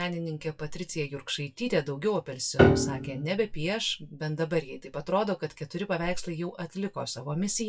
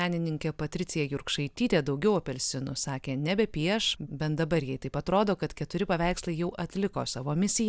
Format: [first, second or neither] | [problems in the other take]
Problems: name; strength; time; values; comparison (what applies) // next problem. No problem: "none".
second | noise reduction (classical method WPE with log-MMSE)